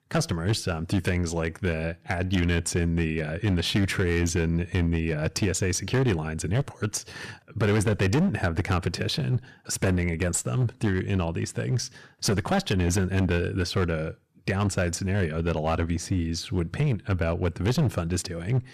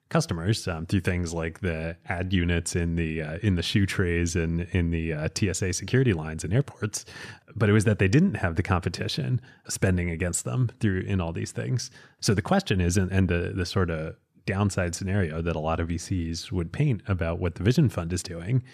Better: second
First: distortion; slight; 11% of the sound clipped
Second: none

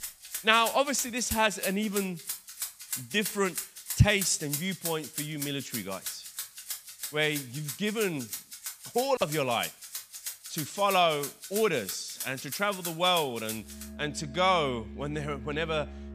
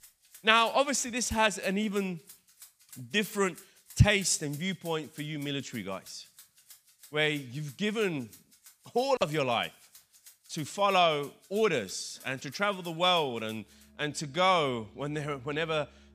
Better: second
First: background music; loud; throughout; 9 dB below the speech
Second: background music; faint; throughout; 25 dB below the speech

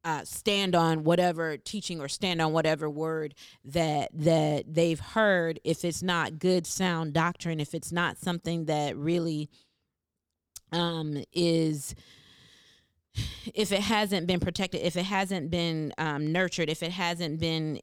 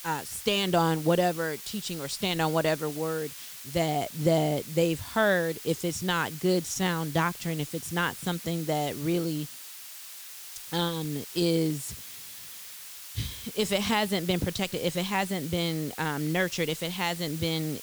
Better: first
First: none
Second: hiss; noticeable; throughout; 10 dB below the speech

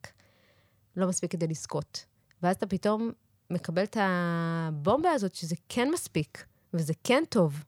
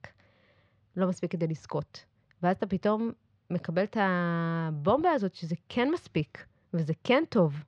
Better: first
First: none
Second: muffled; slightly; fading above 3.5 kHz

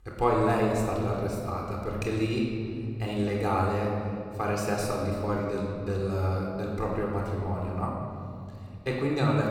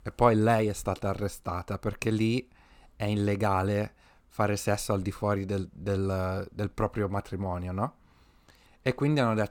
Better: second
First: off-mic speech; somewhat distant // room echo; noticeable; dies away in 2.3 s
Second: none

